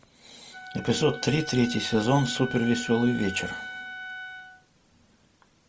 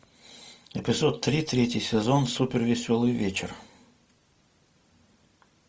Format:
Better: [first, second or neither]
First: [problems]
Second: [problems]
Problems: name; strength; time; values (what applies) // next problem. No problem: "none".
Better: second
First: background sound (Wind instrument, woodwind instrument); 12 dB below the speech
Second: none